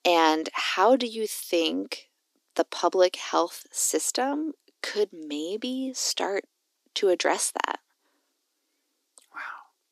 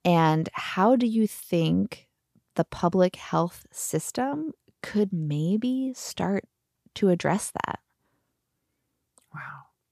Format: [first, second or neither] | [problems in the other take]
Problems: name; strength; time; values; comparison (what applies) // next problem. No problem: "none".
second | thin; somewhat; fading below 300 Hz